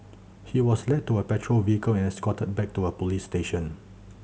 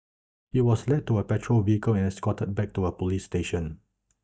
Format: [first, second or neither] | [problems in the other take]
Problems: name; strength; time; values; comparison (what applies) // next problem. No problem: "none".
first | noise reduction (neural mask model DeepFilterNet 3)